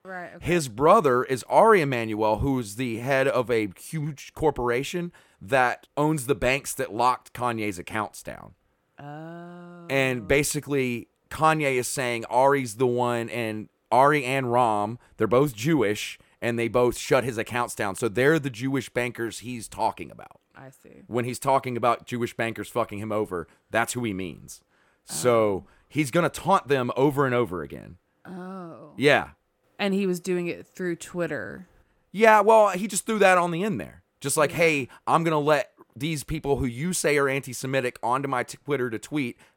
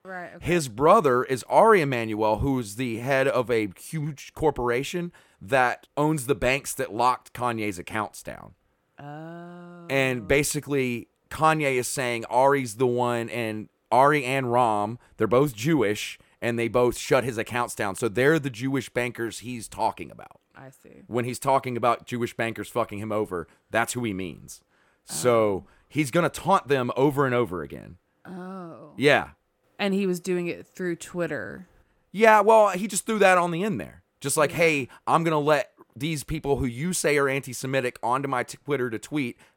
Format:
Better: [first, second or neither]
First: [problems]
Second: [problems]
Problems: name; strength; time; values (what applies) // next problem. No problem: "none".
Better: neither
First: none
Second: none